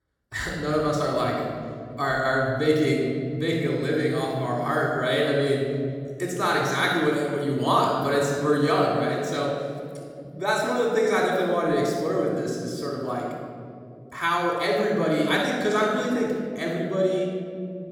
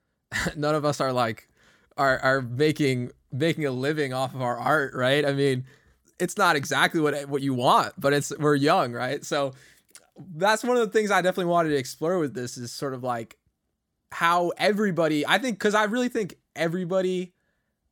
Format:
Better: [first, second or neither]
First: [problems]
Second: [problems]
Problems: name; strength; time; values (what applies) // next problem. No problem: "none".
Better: second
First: off-mic speech; far // room echo; noticeable; dies away in 2.2 s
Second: none